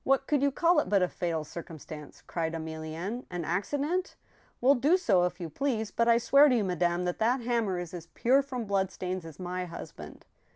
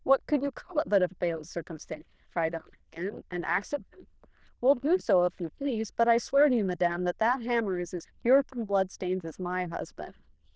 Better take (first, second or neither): first